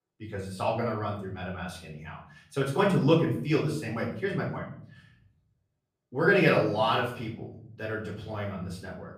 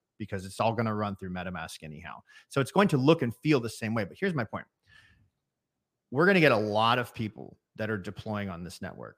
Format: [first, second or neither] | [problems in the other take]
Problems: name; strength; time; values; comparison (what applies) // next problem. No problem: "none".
second | off-mic speech; far // room echo; slight; dies away in 0.6 s